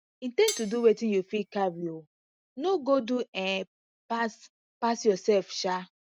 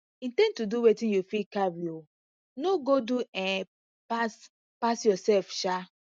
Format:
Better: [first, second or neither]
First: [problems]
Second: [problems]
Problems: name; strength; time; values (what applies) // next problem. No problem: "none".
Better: second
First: background sound (Cutlery, silverware); 12 dB below the speech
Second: none